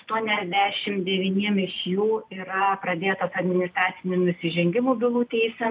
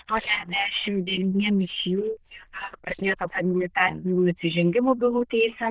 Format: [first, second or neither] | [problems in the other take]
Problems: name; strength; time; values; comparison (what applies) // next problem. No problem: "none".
first | noise reduction (neural diffusion model UNIVERSE++)